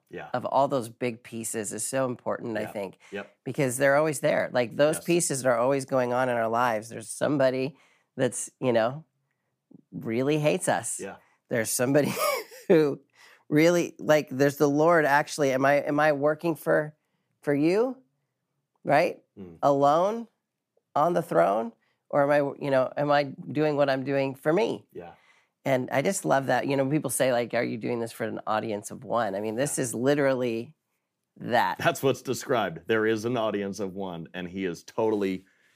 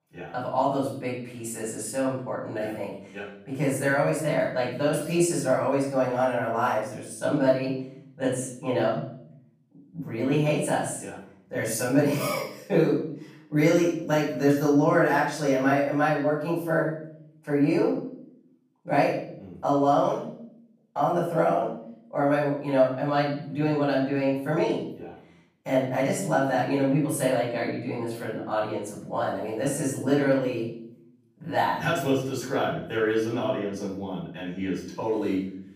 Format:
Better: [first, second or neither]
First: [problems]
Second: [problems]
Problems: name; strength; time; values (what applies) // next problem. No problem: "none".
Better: first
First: none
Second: off-mic speech; far // room echo; noticeable; dies away in 0.7 s